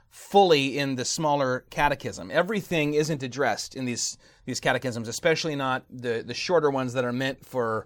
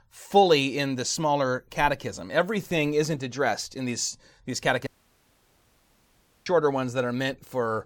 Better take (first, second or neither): first